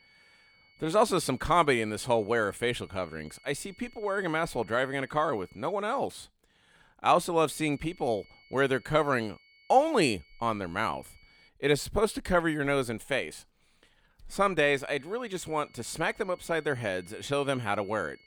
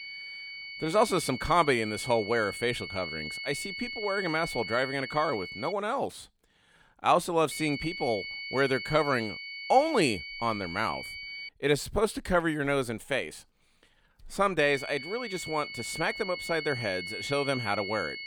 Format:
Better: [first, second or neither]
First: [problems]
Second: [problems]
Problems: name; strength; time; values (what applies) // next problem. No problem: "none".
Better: first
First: high-pitched whine; faint; until 5.5 s, from 7.5 to 11 s and from 15 s on; 2 kHz, 30 dB below the speech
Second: high-pitched whine; loud; until 5.5 s, from 7.5 to 11 s and from 15 s on; 2 kHz, 8 dB below the speech